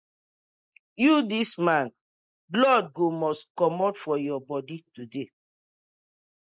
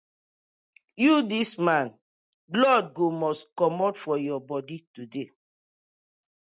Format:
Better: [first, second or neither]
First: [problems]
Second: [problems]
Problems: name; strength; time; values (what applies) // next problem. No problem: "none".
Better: second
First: noise reduction (neural mask model Resemble Enhance denoiser)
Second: none